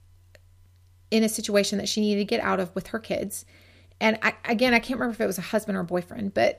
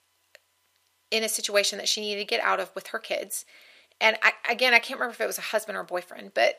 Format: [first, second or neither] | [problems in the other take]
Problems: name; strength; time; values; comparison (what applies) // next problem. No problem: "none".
first | thin; very; fading below 650 Hz